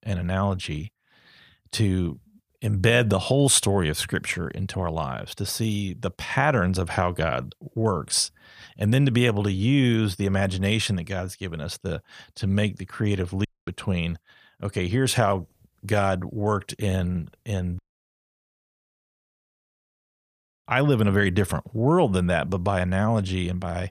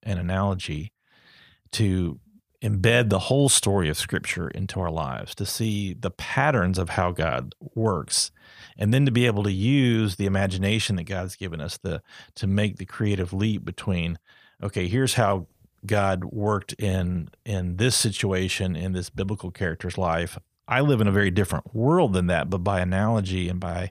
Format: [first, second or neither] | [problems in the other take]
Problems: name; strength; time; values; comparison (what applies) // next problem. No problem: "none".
second | audio cutting out; at 13 s and at 18 s for 3 s